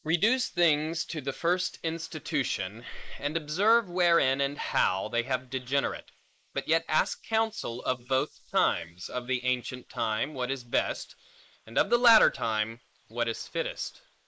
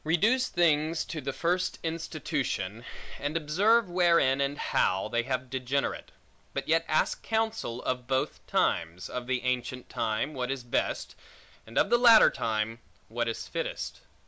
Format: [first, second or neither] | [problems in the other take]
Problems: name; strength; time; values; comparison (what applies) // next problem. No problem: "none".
second | noise reduction (neural mask model Resemble Enhance denoiser)